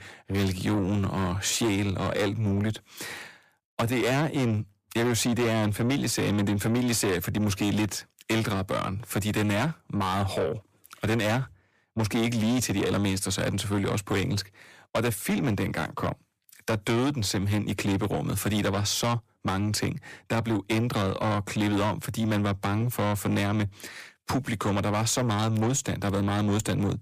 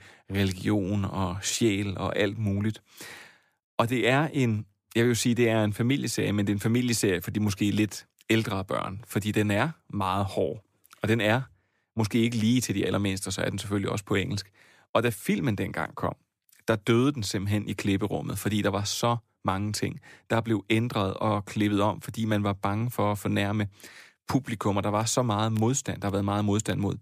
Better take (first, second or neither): second